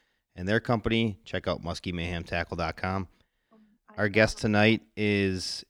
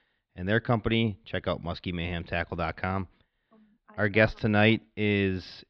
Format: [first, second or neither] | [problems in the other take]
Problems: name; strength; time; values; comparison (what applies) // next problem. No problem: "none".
first | muffled; slightly; fading above 4 kHz